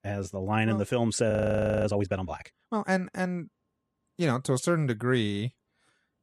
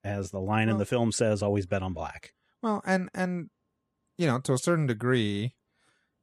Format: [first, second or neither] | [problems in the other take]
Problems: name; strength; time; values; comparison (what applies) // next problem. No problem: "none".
second | audio freezing; at 1.5 s for 0.5 s